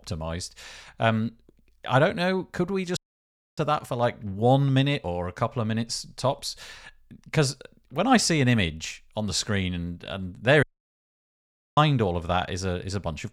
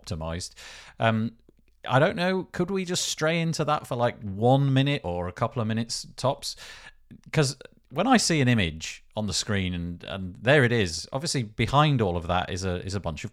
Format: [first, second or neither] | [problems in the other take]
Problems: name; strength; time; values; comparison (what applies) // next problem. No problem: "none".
second | audio cutting out; at 3 s for 0.5 s and at 11 s for 1 s